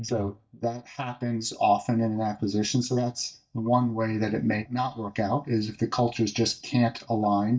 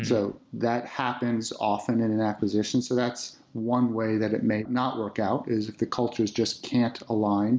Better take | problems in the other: second | noise reduction (neural mask model DeepFilterNet 3)

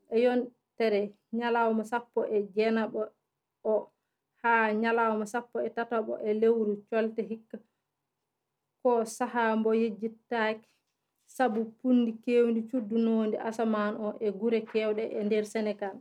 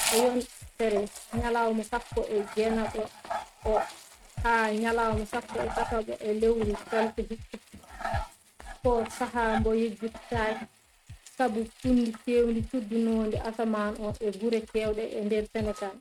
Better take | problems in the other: first | noise reduction (neural mask model RNNoise)

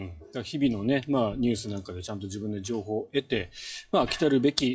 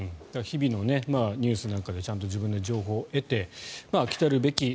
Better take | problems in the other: second | noise reduction (classical method WPE with log-MMSE)

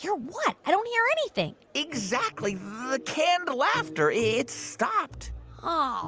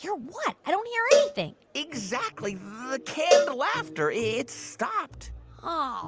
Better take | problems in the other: first | background sound (Cowbell); 1 dB above the speech

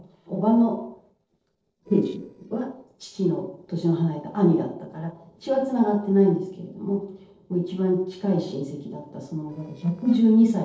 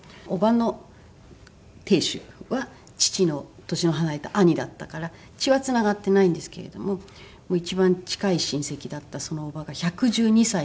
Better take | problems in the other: second | noise reduction (neural separator model SepFormer DNS4)

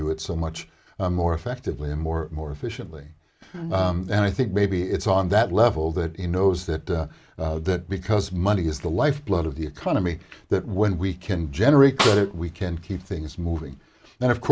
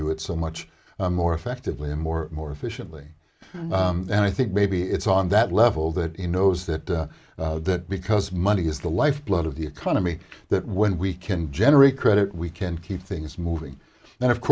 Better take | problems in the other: second | background sound (Snare drum); 4 dB below the speech

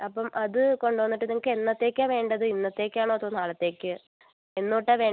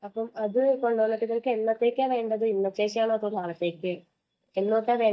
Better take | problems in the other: first | noise reduction (neural mask model DeepFilterNet 3)

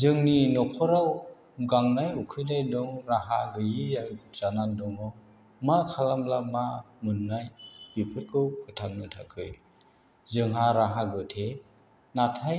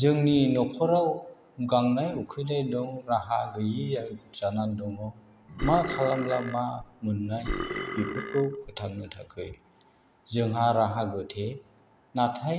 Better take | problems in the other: first | background sound (Burping, eructation); 7 dB below the speech

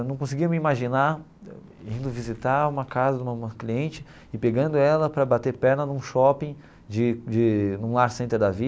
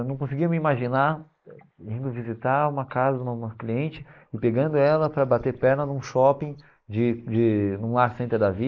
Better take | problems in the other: first | noise reduction (neural mask model Resemble Enhance denoiser)

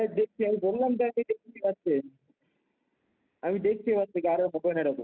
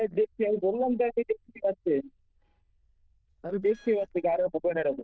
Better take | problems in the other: first | noise reduction (neural diffusion model UNIVERSE++)

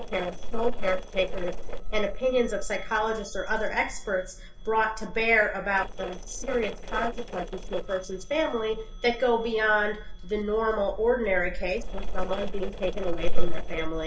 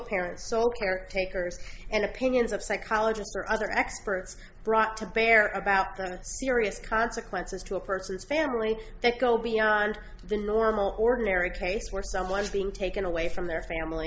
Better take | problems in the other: second | noise reduction (neural separator model SepFormer DNS4)

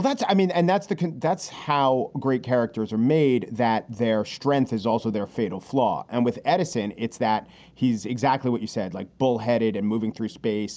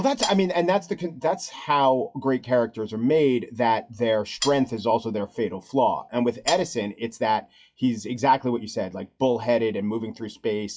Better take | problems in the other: first | noise reduction (classical method WPE with log-MMSE)

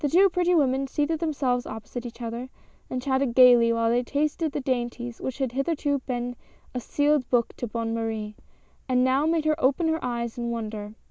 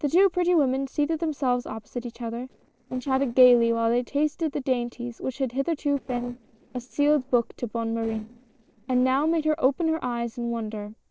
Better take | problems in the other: first | noise reduction (neural separator model SepFormer DNS4)

